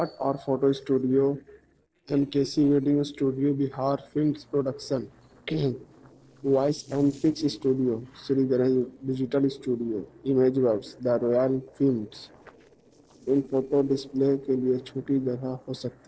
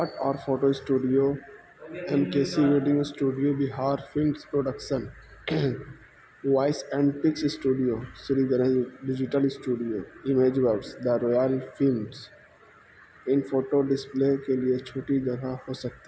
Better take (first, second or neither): second